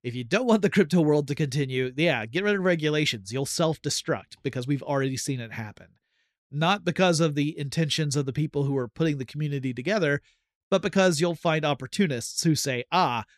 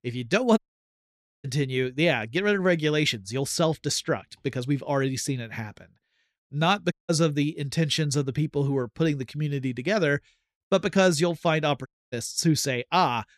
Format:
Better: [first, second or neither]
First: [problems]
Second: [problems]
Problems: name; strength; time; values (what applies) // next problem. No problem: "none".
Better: first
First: none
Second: audio cutting out; at 0.5 s for 1 s, at 7 s and at 12 s